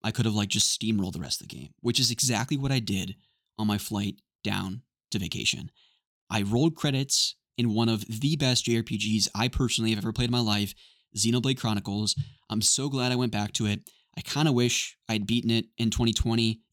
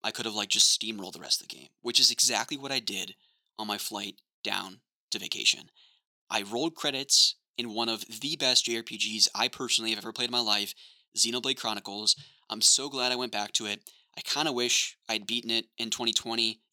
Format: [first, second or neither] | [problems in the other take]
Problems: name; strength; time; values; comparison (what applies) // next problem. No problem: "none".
first | thin; very; fading below 500 Hz